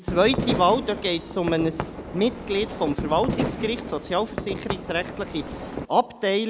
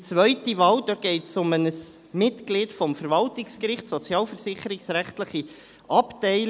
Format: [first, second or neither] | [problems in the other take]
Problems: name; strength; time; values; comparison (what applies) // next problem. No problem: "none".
second | background sound (Fireworks); 6 dB below the speech